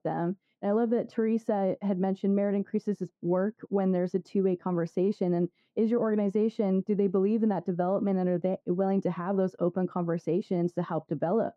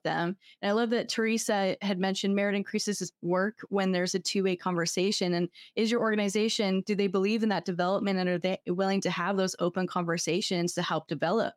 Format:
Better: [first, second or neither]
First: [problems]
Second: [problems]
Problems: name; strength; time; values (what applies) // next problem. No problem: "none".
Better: second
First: muffled; very; fading above 1.5 kHz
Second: none